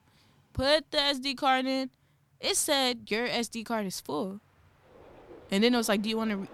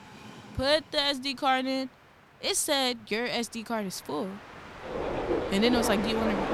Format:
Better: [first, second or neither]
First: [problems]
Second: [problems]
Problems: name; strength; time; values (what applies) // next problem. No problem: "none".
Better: first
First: train or aircraft noise; faint; throughout; 25 dB below the speech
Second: train or aircraft noise; loud; throughout; 5 dB below the speech